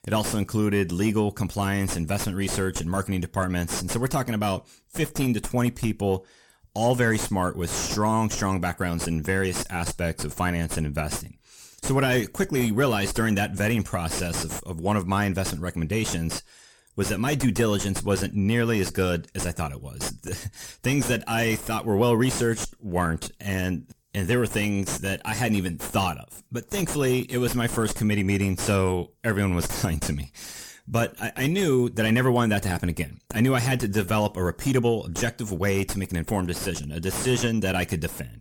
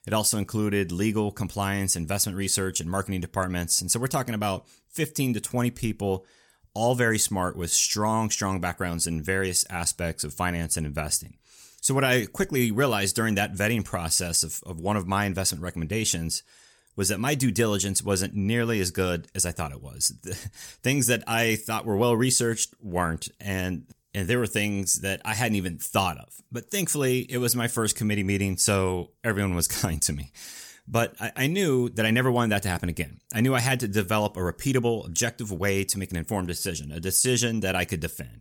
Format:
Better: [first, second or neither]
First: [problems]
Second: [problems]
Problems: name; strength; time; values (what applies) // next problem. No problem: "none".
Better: second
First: distortion; heavy; 3 dB below the speech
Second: none